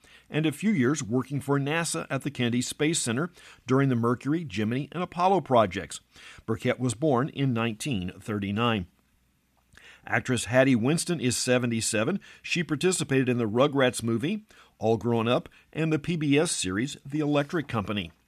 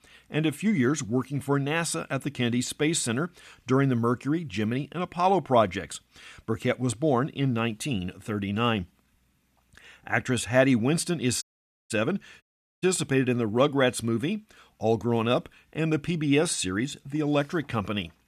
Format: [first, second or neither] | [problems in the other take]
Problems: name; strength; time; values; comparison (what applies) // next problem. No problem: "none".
first | audio cutting out; at 11 s and at 12 s